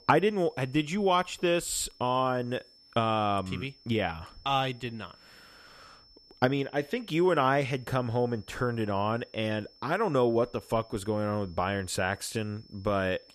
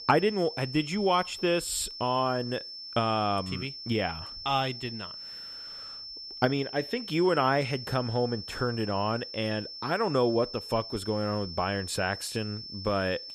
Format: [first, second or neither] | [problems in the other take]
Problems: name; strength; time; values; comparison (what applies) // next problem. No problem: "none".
first | high-pitched whine; loud; throughout; 5.5 kHz, 10 dB below the speech; faint in the first